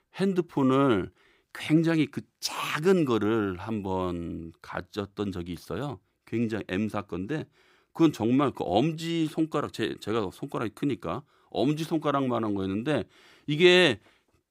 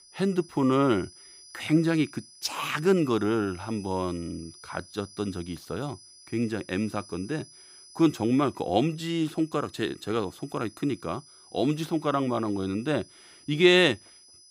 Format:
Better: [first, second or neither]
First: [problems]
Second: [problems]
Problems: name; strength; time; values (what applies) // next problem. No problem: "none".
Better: first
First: none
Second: high-pitched whine; faint; throughout; 5 kHz, 20 dB below the speech